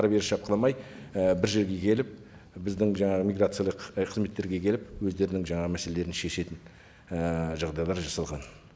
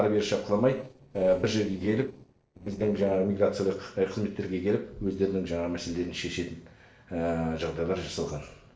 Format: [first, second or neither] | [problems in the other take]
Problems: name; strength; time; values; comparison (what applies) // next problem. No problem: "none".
first | noise reduction (neural separator model SepFormer DNS4)